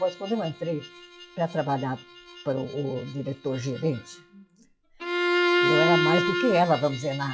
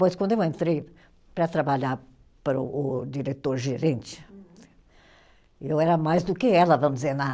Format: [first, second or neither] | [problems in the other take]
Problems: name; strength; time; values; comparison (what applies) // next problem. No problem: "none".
second | noise reduction (classical method log-MMSE)